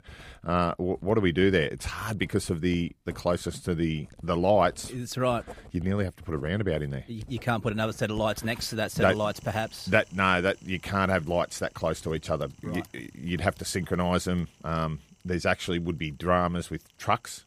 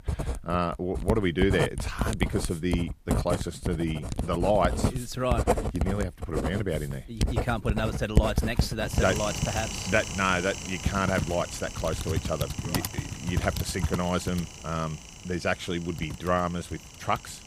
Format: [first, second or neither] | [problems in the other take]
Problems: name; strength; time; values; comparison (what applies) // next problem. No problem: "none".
first | household noises; loud; throughout; 2 dB below the speech; faint in the first